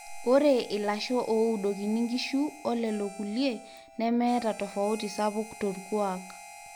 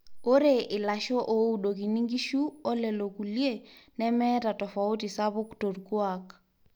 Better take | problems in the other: second | background sound (Harmonica); 17 dB below the speech

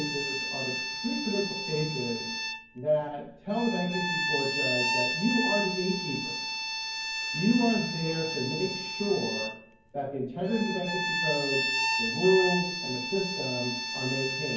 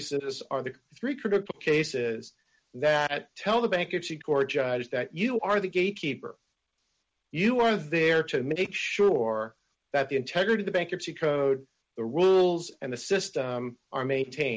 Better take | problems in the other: second | background sound (Bowed string instrument); 2 dB below the speech // room echo; dies away in 0.9 s

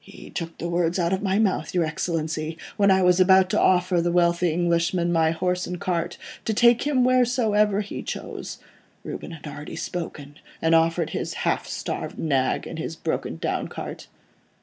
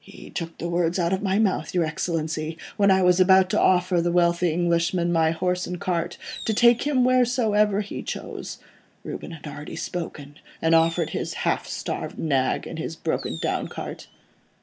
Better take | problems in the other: first | background sound (Fireworks); 18 dB below the speech

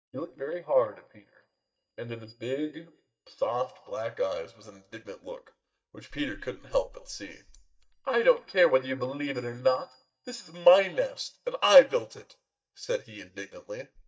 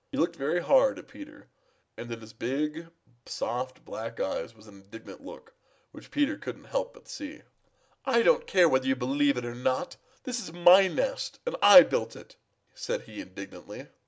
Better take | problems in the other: second | noise reduction (neural mask model DeepFilterNet 3)

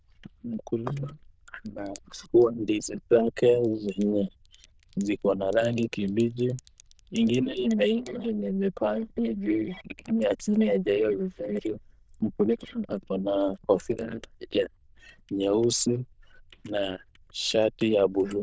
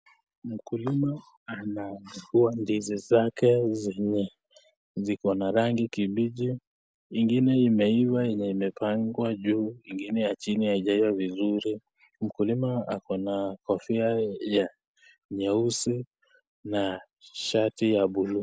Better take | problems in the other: second | noise reduction (neural diffusion model UNIVERSE++)

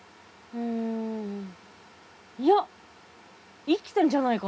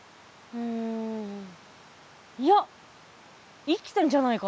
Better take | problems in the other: second | room echo; dies away in 0.3 s

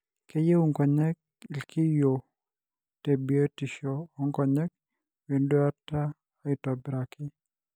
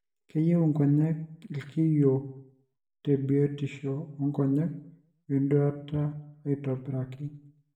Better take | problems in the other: first | room echo; dies away in 0.6 s

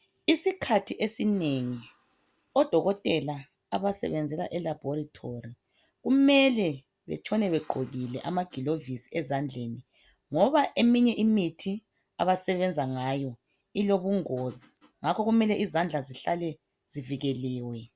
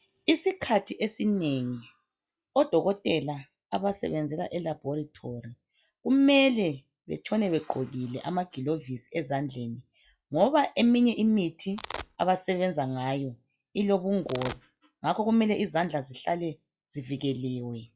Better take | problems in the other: first | noise reduction (classical method log-MMSE)

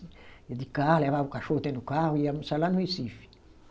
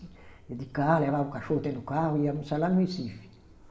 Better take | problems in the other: first | room echo; dies away in 0.8 s

